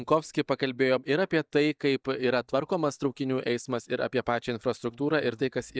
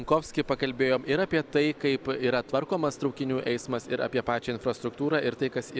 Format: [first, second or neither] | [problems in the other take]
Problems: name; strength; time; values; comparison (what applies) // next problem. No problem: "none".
second | noise reduction (neural mask model DeepFilterNet 3)